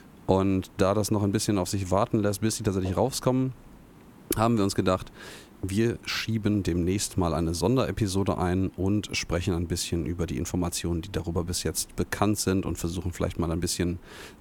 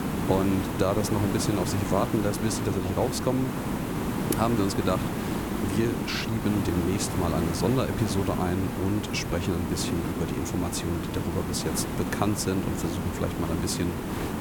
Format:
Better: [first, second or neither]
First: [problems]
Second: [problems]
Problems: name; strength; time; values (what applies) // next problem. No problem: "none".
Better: first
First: hiss; faint; throughout; 25 dB below the speech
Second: hiss; loud; throughout; 2 dB below the speech